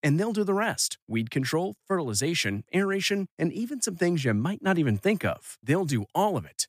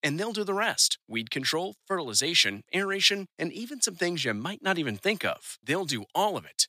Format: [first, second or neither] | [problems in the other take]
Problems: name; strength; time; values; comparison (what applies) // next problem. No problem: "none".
first | thin; somewhat; fading below 950 Hz